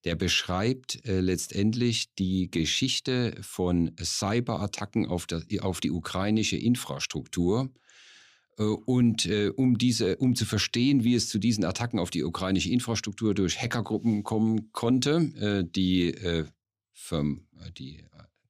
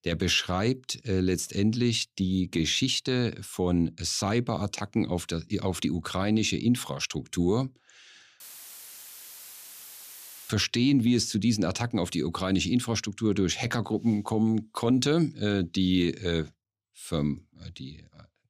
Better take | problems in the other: first | audio cutting out; filled with static; at 8.5 s for 2 s

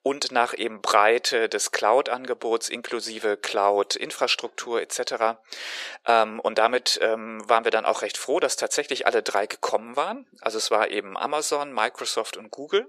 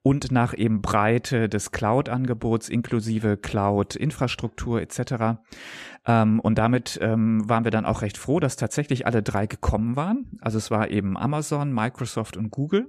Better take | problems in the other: second | thin; very; fading below 450 Hz

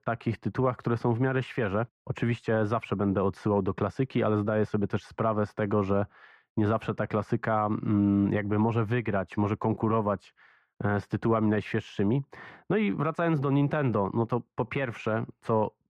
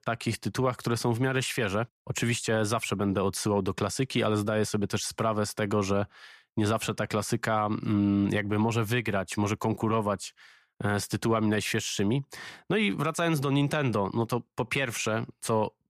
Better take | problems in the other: second | muffled; very; fading above 3.5 kHz

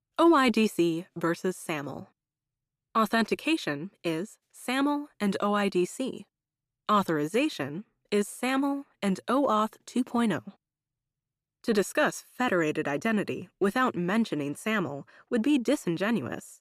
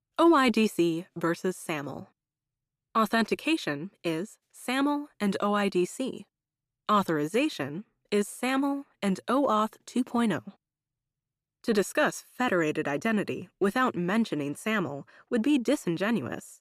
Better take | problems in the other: neither | none

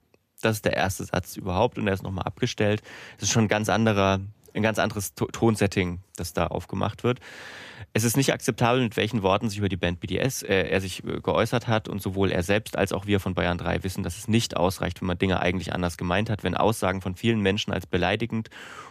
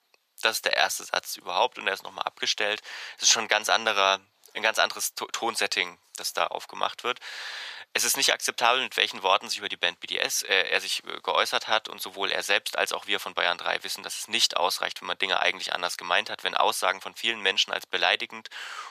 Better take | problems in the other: first | thin; very; fading below 900 Hz

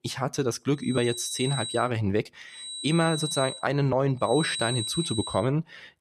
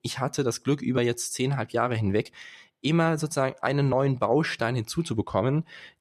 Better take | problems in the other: second | high-pitched whine; loud; at 1 s, at 2.5 s and from 4.5 to 5.5 s; 4 kHz, 6 dB below the speech

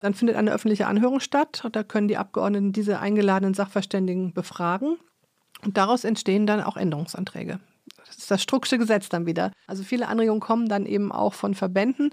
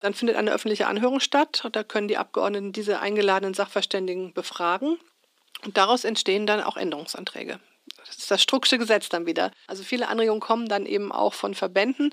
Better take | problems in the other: first | thin; somewhat; fading below 250 Hz

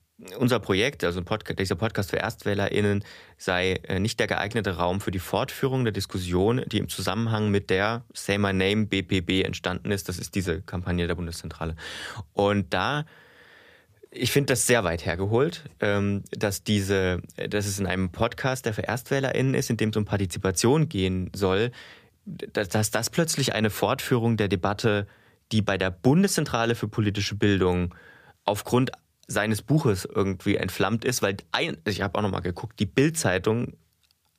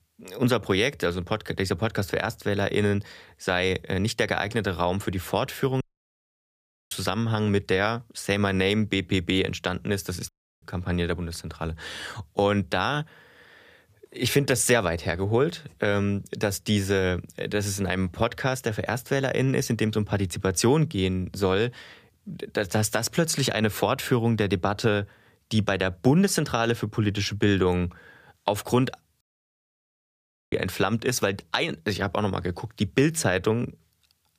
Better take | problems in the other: first | audio cutting out; at 6 s for 1 s, at 10 s and at 29 s for 1.5 s

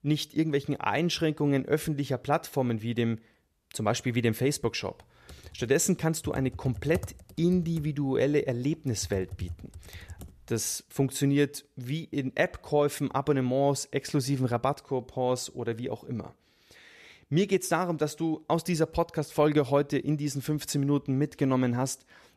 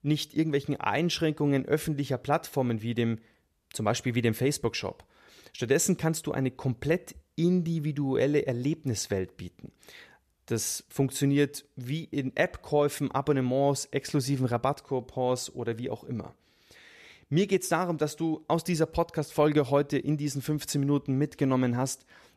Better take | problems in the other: second | keyboard typing; faint; from 5.5 to 10 s; peak 10 dB below the speech

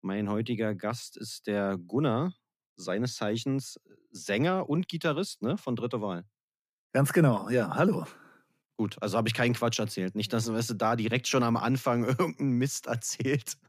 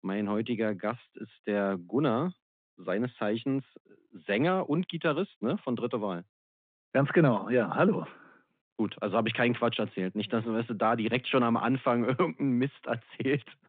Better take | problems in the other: first | phone-call audio; nothing above 3.5 kHz

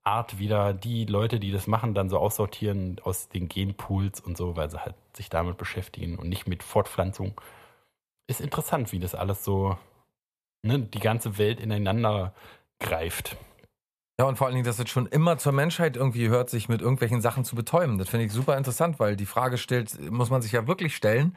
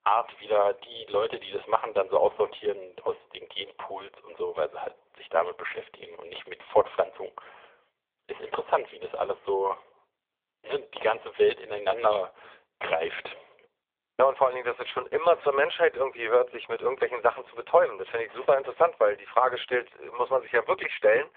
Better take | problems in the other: first | phone-call audio; poor line; nothing above 3.5 kHz

